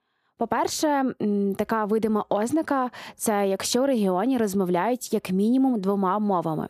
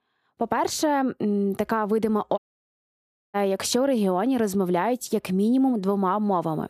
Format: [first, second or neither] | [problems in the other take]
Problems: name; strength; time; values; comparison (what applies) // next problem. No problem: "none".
first | audio cutting out; at 2.5 s for 1 s